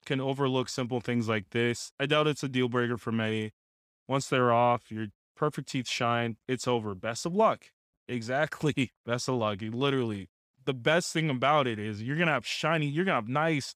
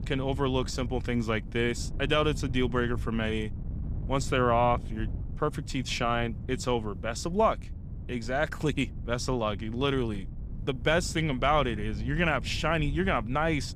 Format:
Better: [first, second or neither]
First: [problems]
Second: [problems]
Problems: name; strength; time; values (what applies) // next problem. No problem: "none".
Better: first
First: none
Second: wind noise on the microphone; occasional gusts; 20 dB below the speech